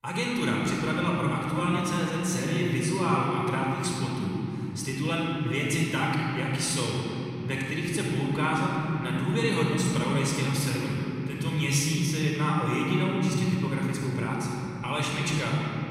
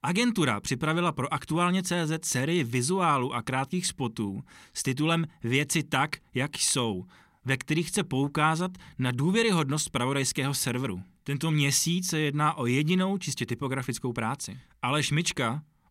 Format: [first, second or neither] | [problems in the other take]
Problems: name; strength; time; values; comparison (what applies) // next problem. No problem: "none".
second | off-mic speech; far // room echo; strong; dies away in 3 s